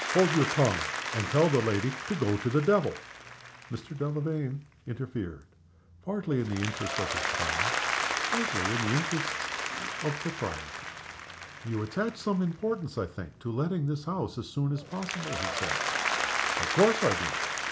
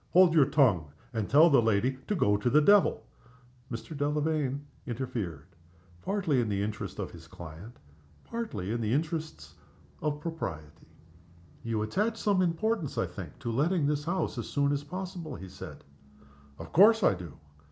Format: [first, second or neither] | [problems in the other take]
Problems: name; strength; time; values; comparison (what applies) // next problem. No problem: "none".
second | background sound (Applause); 3 dB below the speech